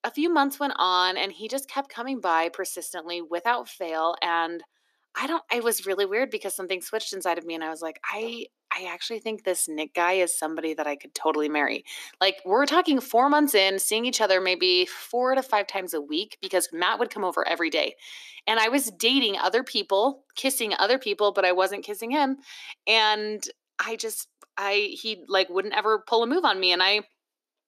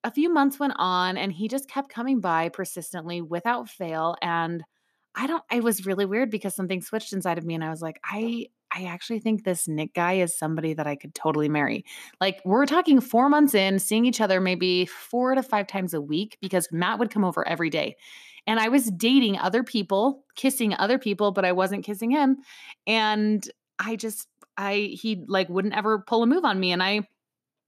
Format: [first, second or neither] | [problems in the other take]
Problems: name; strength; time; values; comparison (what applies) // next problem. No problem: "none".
second | thin; somewhat; fading below 300 Hz